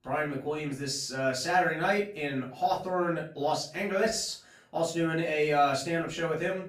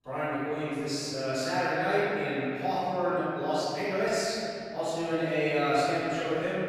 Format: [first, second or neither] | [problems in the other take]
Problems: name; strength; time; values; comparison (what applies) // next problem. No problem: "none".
first | room echo; strong; dies away in 2.7 s; slight in the first // off-mic speech; far; far in the first